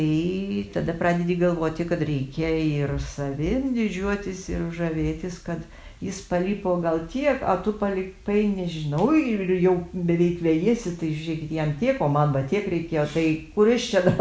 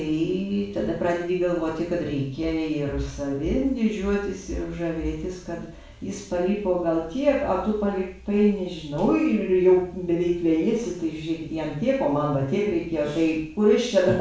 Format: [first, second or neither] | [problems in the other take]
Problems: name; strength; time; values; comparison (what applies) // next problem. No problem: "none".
first | room echo; dies away in 0.4 s